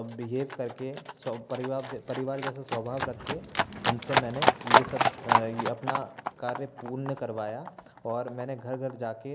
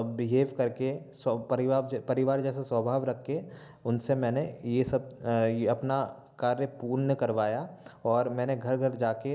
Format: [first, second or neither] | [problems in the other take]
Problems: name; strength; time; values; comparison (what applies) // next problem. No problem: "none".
second | background sound (Livestock, farm animals, working animals); 3 dB above the speech